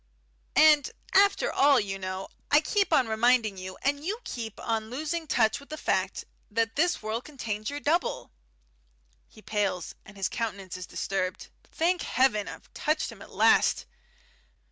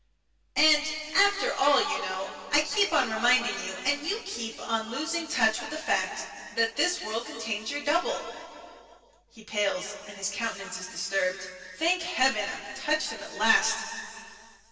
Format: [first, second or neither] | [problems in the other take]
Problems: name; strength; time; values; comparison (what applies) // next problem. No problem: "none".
first | room echo; dies away in 2.6 s